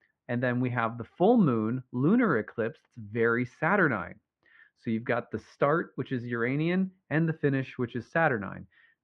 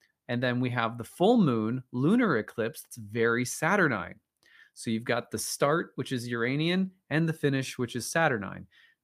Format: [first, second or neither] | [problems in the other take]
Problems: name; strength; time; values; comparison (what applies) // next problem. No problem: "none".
second | muffled; very; fading above 2.5 kHz